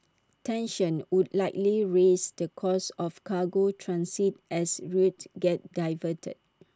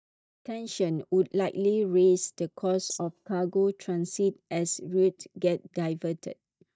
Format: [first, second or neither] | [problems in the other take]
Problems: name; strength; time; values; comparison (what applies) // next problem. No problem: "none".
first | noise reduction (neural mask model DeepFilterNet 3)